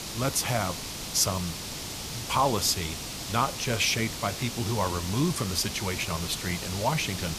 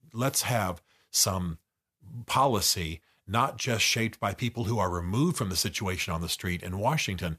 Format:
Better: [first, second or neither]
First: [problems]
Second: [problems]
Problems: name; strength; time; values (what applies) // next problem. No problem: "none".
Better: second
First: hiss; loud; throughout; 6 dB below the speech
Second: none